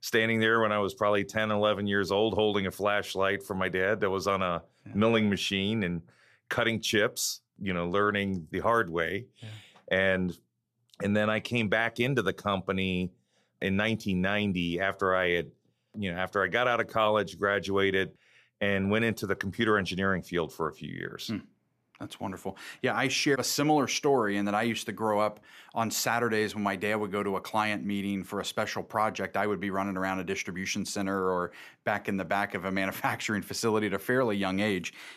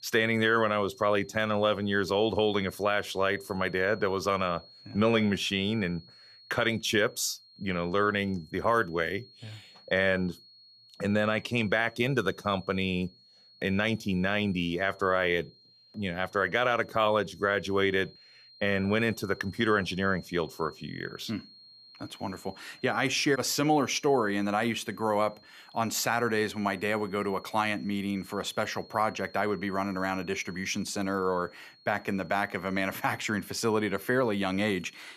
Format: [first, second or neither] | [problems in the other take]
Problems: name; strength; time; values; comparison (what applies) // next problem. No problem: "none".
first | high-pitched whine; faint; throughout; 4.5 kHz, 25 dB below the speech